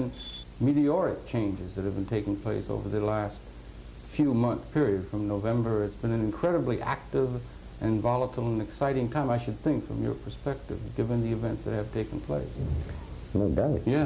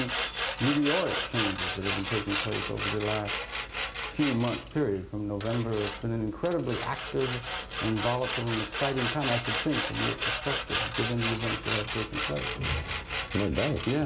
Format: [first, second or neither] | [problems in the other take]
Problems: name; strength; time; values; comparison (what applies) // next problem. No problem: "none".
first | background sound (Sawing); 3 dB below the speech